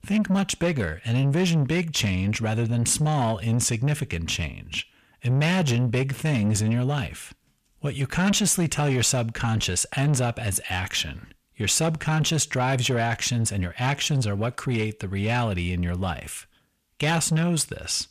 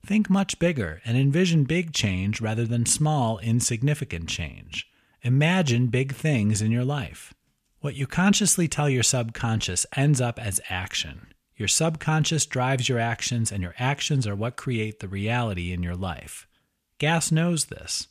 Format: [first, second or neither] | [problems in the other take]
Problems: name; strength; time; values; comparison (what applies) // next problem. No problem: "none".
second | distortion; slight; 10 dB below the speech